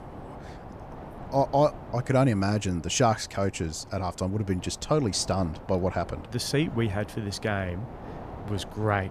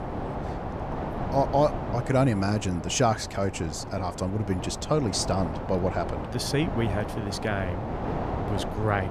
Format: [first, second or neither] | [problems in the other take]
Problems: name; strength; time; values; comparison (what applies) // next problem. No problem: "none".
first | wind noise on the microphone; heavy; 6 dB below the speech; occasional gusts in the first